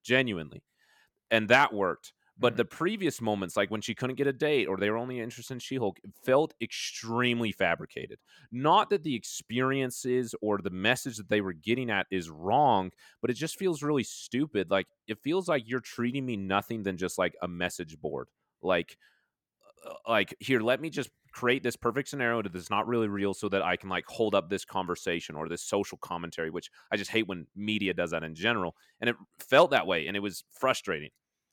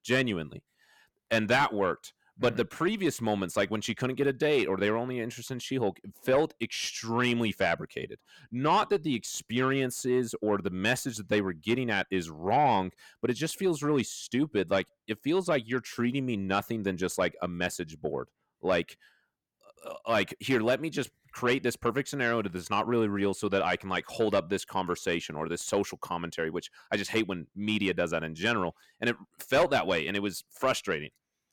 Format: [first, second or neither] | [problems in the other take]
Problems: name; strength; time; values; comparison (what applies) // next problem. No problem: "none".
first | distortion; slight; 10 dB below the speech